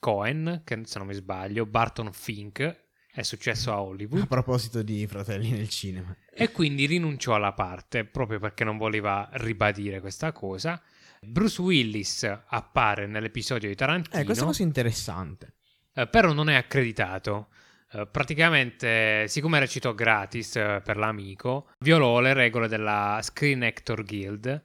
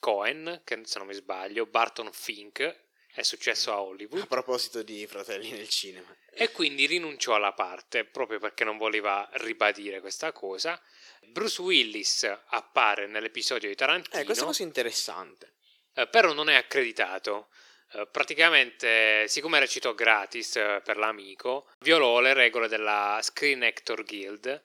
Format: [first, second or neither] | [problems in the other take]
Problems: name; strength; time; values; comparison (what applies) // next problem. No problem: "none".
first | thin; very; fading below 350 Hz